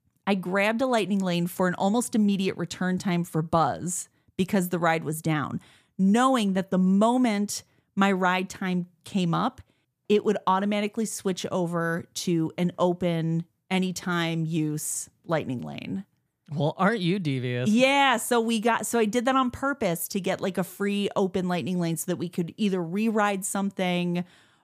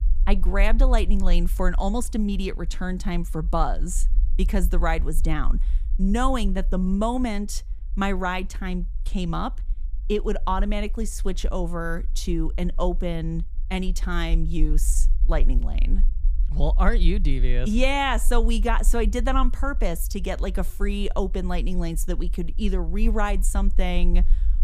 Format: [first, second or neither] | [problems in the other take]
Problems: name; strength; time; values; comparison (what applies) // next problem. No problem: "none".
first | low rumble; faint; throughout; 25 dB below the speech